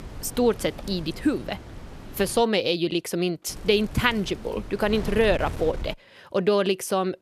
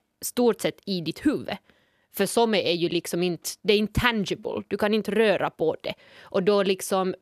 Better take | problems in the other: second | wind noise on the microphone; occasional gusts; until 2.5 s and from 3.5 to 6 s; 20 dB below the speech

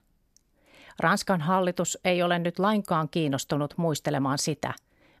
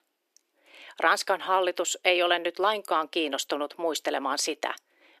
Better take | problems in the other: first | thin; very; fading below 350 Hz

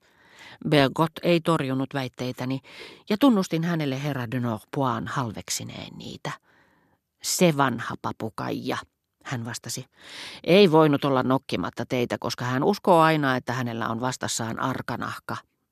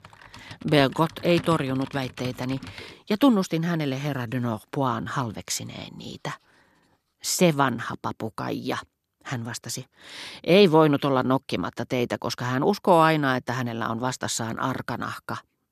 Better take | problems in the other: first | household noises; noticeable; until 7 s; 15 dB below the speech

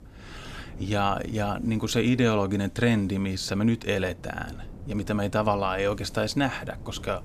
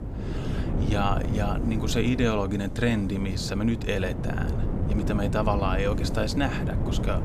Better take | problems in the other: first | wind noise on the microphone; heavy; 8 dB below the speech; occasional gusts in the first

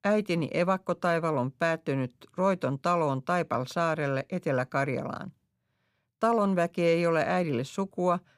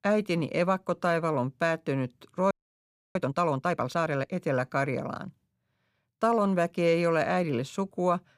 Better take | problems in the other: first | audio freezing; at 2.5 s for 0.5 s

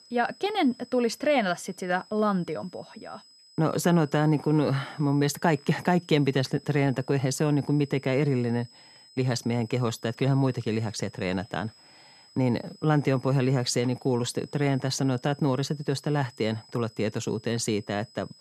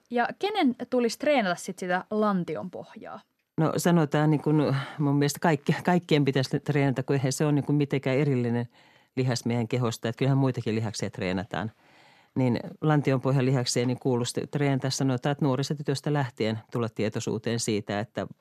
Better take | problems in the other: second | high-pitched whine; faint; throughout; 5 kHz, 25 dB below the speech

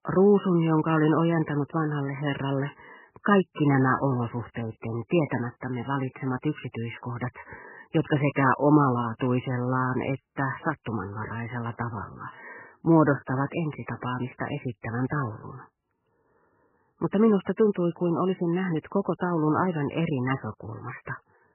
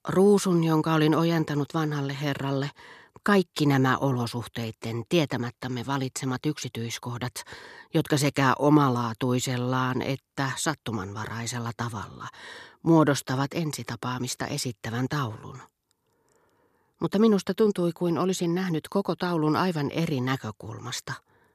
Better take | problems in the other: second | garbled, watery; badly; nothing above 3 kHz

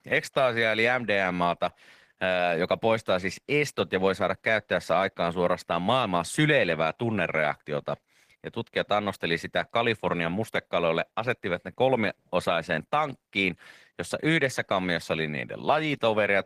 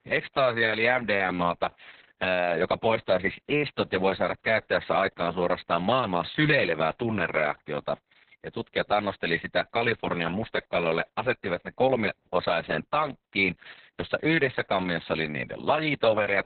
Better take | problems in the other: first | garbled, watery; badly; nothing above 4 kHz; slightly in the first

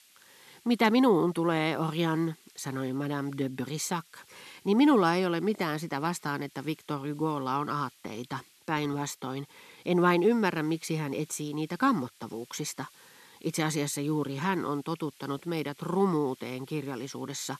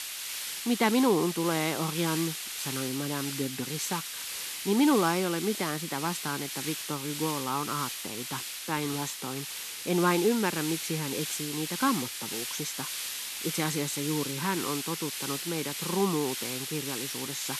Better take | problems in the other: first | hiss; loud; throughout; 3 dB below the speech; faint in the first

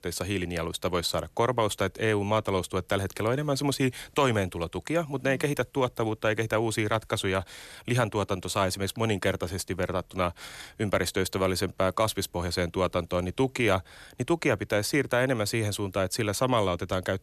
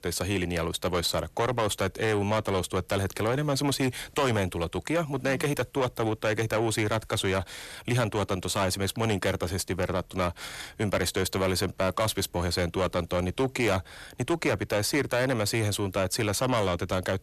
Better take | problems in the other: first | distortion; slight; 10 dB below the speech

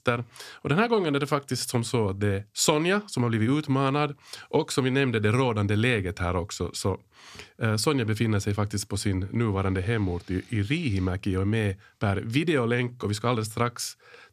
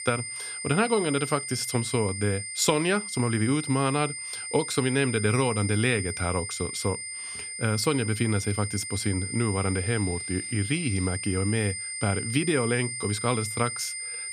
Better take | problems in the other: first | high-pitched whine; loud; throughout; 2 kHz, 5 dB below the speech

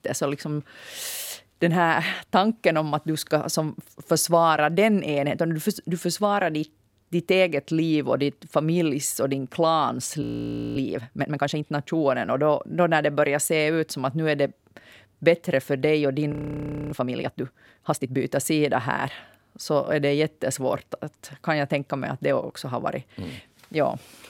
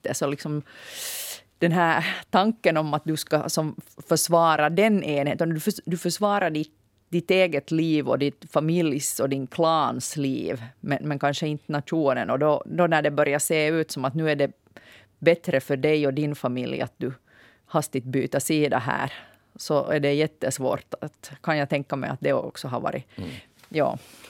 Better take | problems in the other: second | audio freezing; at 10 s for 0.5 s and at 16 s for 0.5 s

